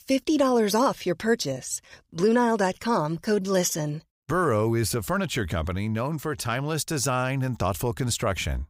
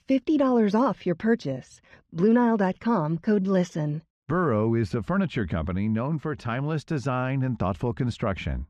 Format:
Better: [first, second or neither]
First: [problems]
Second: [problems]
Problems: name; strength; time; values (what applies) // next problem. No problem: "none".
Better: first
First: none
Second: muffled; slightly; fading above 2.5 kHz